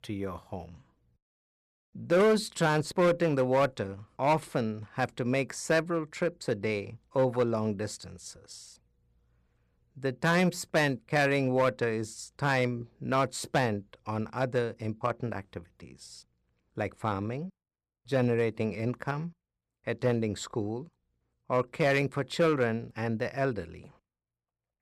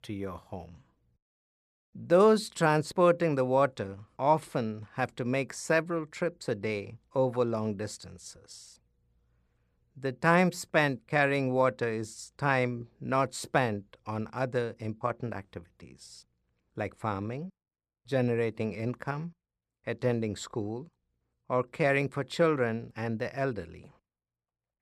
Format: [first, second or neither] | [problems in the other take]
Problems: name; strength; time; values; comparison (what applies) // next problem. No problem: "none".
second | distortion; slight; 3% of the sound clipped